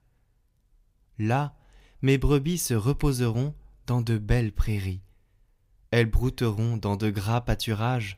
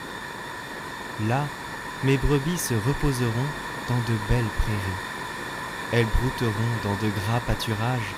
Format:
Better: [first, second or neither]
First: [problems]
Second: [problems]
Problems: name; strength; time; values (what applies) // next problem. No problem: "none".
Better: first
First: none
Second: hiss; loud; throughout; 6 dB below the speech